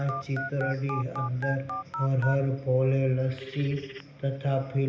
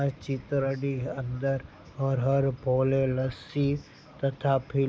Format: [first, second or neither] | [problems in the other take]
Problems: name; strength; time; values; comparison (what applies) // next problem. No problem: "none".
second | background sound (Telephone); 11 dB below the speech // room echo; dies away in 0.8 s